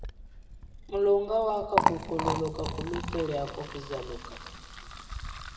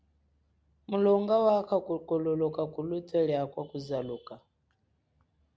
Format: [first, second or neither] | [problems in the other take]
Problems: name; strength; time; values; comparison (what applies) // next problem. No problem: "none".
second | background sound (Liquid); 2 dB below the speech // room echo; dies away in 1.1 s